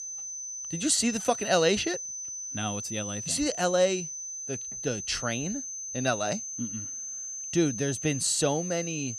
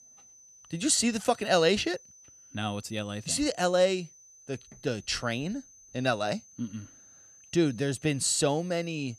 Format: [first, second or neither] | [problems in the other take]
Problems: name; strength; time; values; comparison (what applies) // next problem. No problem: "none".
second | high-pitched whine; loud; throughout; 6 kHz, 6 dB below the speech; faint in the second